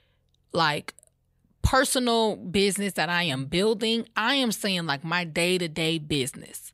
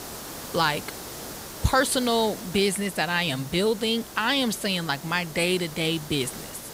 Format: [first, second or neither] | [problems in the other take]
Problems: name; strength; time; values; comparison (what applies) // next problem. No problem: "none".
first | hiss; noticeable; throughout; 15 dB below the speech